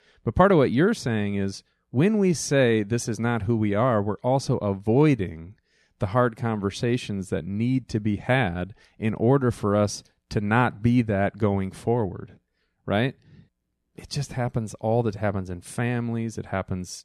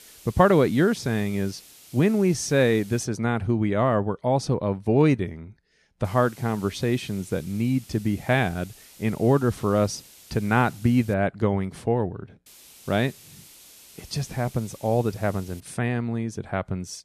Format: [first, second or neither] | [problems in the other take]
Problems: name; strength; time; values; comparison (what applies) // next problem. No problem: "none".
first | hiss; faint; until 3 s, from 6 to 11 s and from 12 to 16 s; 20 dB below the speech